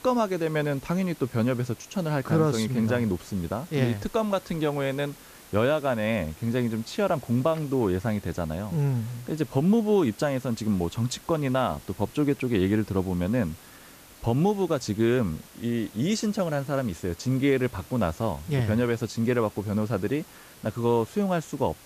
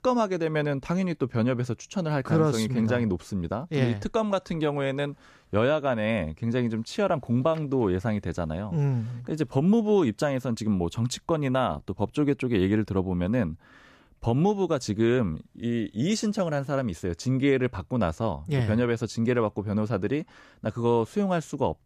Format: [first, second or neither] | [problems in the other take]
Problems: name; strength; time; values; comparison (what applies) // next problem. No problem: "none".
second | hiss; faint; throughout; 20 dB below the speech